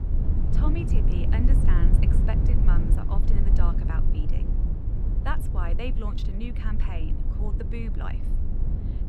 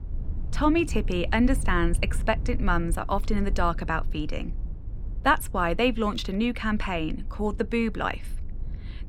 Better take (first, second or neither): second